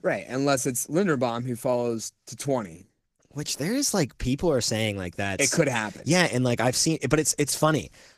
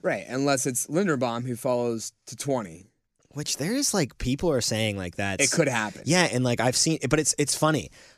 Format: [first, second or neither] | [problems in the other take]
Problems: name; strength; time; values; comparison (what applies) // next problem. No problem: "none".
second | garbled, watery; slightly; nothing above 14.5 kHz